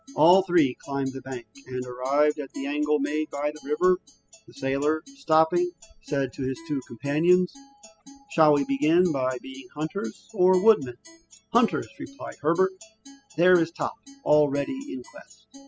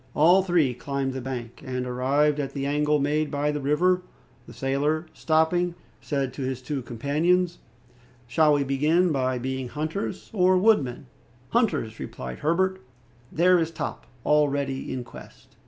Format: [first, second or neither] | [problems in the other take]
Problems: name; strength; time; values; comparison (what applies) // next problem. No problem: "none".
second | noise reduction (classical method spectral subtraction)